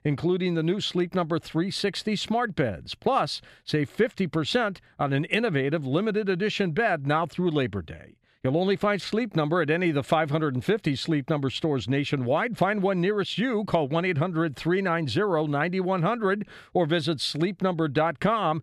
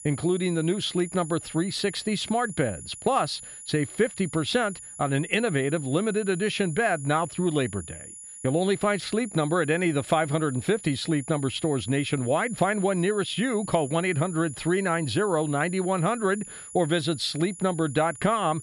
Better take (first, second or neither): first